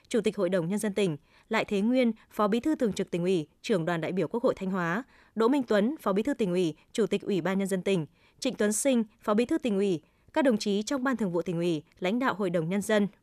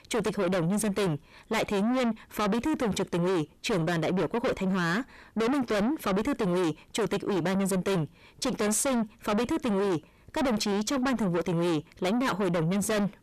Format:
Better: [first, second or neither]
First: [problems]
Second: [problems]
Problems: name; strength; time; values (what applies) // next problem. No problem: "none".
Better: first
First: none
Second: distortion; heavy; 6 dB below the speech